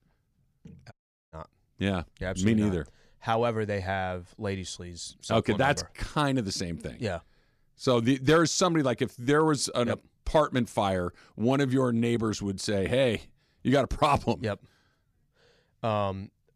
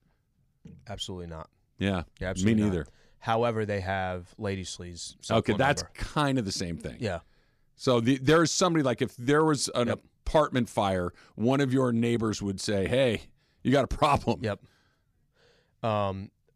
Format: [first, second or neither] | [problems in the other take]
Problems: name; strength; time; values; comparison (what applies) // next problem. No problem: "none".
second | audio cutting out; at 1 s